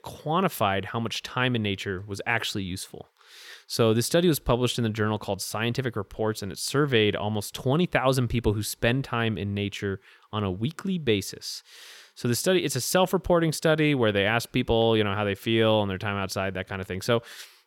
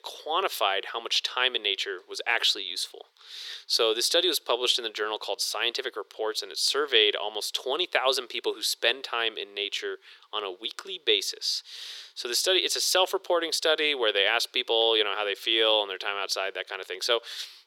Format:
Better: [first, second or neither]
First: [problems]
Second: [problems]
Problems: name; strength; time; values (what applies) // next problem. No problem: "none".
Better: first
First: none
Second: thin; very; fading below 400 Hz